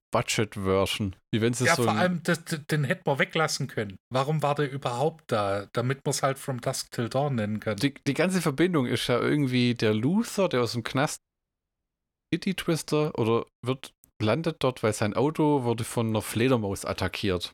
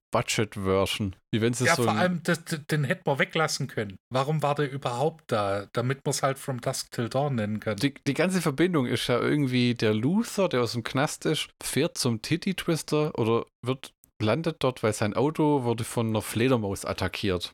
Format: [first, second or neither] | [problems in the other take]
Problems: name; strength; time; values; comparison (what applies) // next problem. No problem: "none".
second | audio cutting out; at 11 s for 1 s